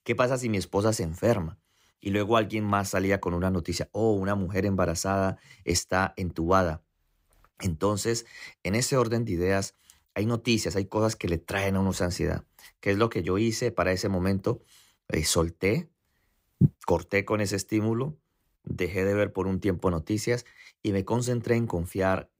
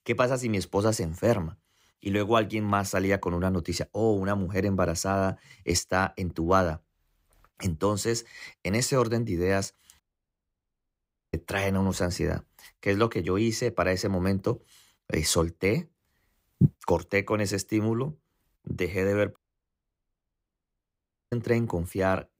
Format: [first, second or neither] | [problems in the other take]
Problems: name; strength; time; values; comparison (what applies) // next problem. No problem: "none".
first | audio cutting out; at 10 s for 1.5 s and at 19 s for 2 s